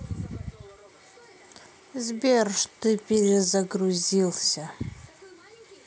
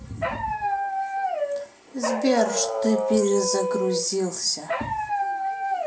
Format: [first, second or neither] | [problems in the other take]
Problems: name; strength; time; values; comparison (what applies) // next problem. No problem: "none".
first | background sound (Dog); as loud as the speech // room echo; dies away in 0.2 s